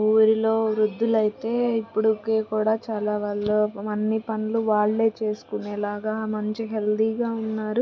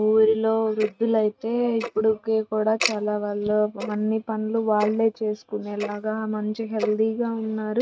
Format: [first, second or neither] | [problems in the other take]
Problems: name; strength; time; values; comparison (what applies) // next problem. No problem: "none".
first | noise reduction (neural mask model RNNoise)